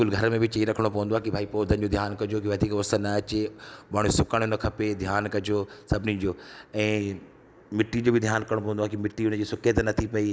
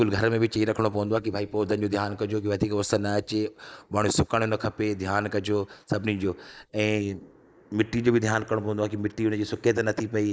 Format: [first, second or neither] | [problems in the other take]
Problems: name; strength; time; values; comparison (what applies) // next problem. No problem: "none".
first | noise reduction (neural mask model Resemble Enhance denoiser)